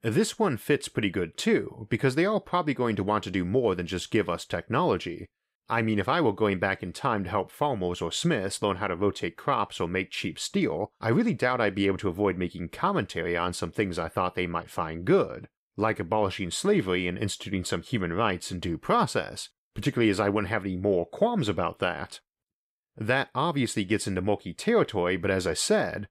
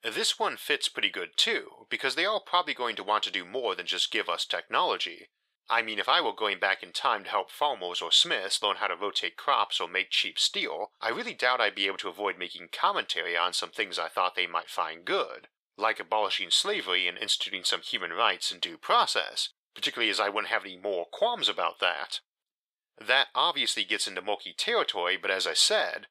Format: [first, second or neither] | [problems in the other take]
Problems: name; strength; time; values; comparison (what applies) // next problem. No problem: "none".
first | thin; very; fading below 750 Hz